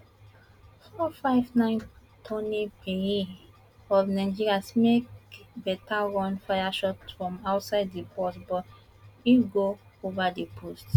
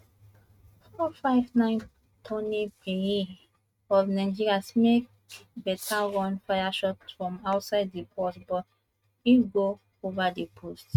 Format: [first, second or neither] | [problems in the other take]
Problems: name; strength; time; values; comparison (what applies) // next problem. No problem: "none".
first | noise reduction (neural mask model RNNoise)